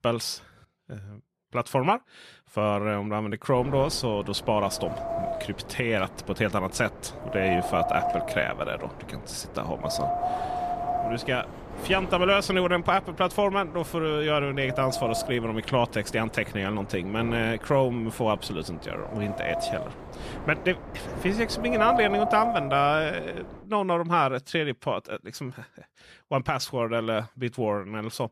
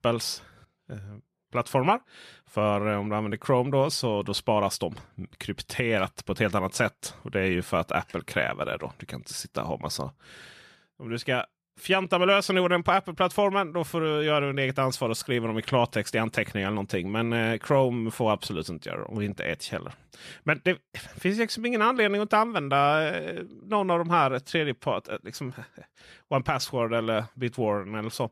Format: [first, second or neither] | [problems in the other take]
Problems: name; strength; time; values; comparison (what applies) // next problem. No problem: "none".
second | wind noise on the microphone; heavy; from 3.5 to 24 s; 4 dB below the speech